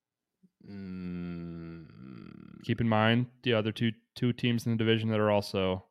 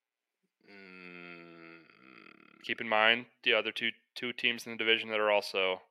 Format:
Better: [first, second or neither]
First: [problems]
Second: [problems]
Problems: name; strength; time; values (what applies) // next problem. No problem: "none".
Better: first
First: none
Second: thin; very; fading below 500 Hz